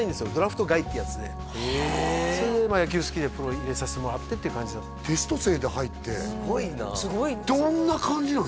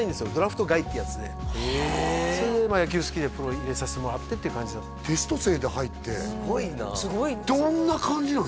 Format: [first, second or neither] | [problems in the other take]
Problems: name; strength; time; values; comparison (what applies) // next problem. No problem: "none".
first | background sound (Bass drum); 12 dB below the speech